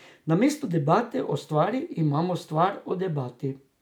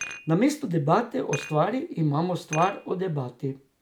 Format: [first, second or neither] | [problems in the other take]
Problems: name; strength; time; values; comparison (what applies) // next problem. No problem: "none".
first | background sound (Dishes, pots, and pans); 16 dB below the speech